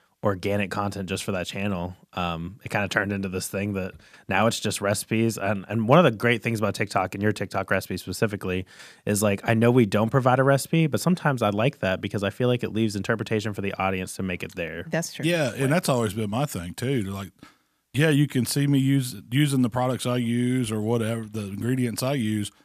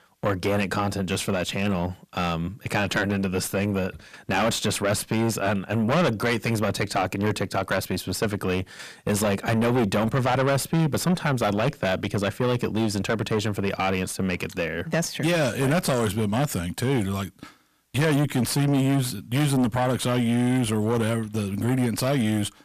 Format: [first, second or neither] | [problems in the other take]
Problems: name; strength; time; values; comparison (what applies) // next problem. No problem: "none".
first | distortion; heavy; 6 dB below the speech